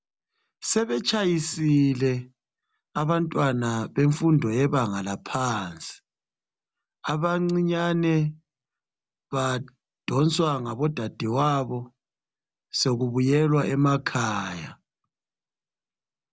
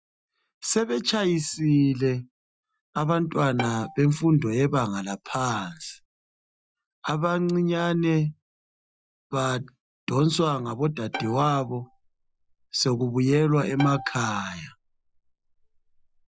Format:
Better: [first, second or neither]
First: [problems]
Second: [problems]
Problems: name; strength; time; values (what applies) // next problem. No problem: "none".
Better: first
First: none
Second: noise reduction (classical method Wiener filter)